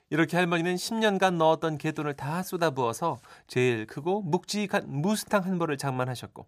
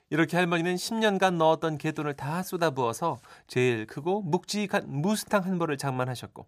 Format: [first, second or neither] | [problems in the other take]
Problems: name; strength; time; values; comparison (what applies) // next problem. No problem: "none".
neither | none